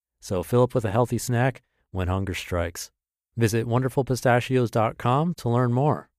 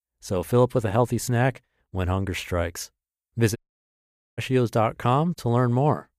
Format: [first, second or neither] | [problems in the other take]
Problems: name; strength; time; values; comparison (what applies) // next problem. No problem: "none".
first | audio cutting out; at 3.5 s for 1 s